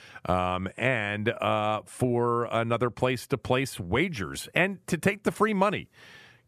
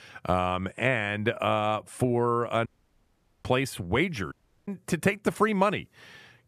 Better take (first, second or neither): first